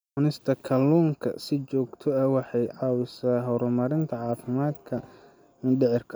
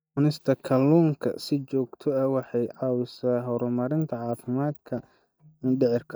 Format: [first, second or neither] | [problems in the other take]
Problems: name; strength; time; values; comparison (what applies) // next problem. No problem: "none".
first | noise reduction (neural mask model DeepFilterNet 3)